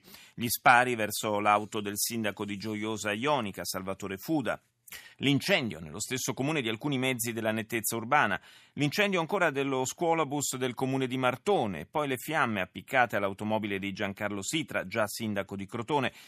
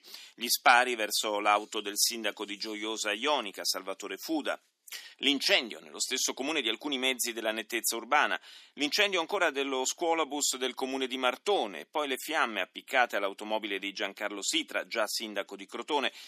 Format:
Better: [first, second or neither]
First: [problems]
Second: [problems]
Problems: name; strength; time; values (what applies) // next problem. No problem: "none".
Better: first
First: none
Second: thin; very slightly; fading below 250 Hz